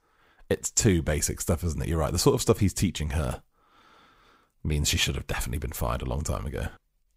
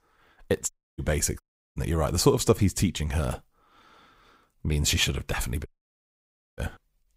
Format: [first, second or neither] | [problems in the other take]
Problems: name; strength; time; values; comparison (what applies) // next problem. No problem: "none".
first | audio cutting out; at 0.5 s, at 1.5 s and at 5.5 s for 1 s